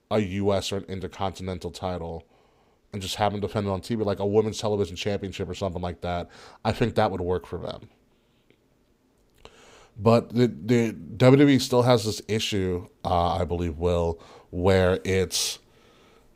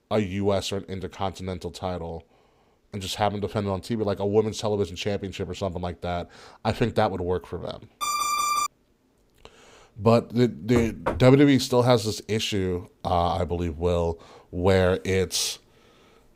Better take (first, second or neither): first